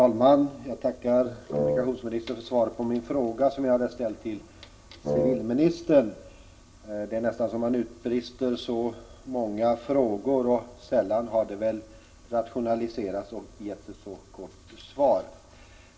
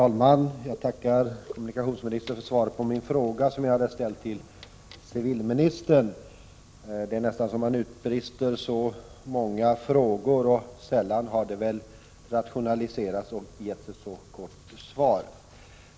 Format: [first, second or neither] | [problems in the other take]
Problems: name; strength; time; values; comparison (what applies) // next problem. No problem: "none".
second | background sound (Wind instrument, woodwind instrument); 1 dB below the speech // room echo; dies away in 0.2 s